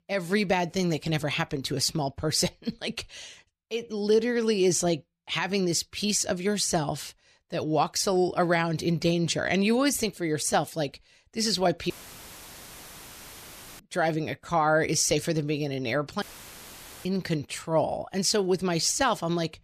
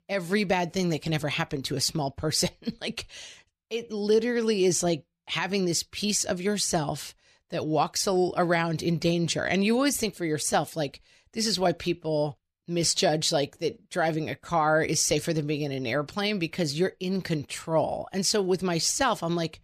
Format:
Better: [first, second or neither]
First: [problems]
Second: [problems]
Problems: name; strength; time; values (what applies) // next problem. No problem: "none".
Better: second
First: audio cutting out; filled with static; at 12 s for 2 s and at 16 s for 1 s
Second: none